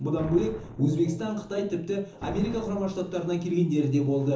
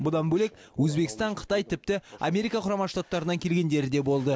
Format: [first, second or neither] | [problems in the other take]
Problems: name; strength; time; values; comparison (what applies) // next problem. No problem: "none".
second | background sound (Explosion); 15 dB below the speech // room echo; dies away in 0.7 s